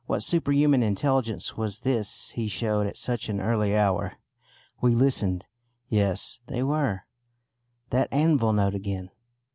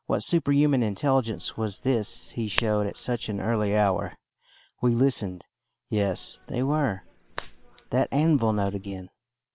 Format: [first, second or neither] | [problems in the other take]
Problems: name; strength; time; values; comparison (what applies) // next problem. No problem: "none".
first | noise reduction (neural separator model SepFormer WHAM!)